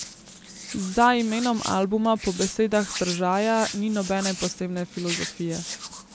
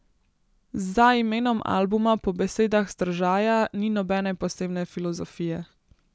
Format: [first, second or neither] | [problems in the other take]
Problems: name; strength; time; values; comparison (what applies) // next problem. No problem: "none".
second | background sound (Hands); 11 dB below the speech